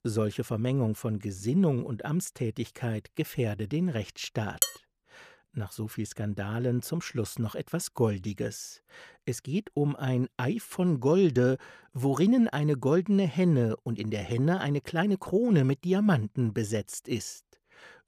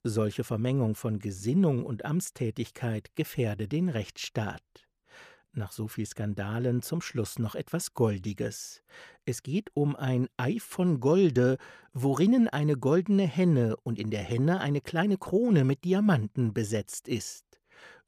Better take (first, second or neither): second